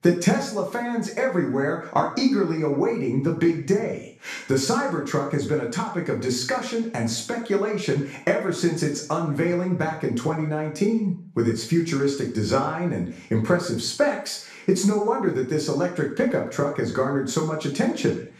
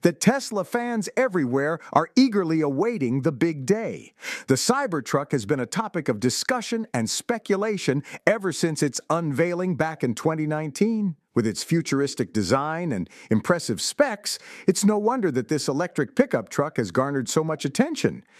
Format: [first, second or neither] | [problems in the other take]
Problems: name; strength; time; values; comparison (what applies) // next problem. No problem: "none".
second | room echo; slight; dies away in 0.5 s // off-mic speech; far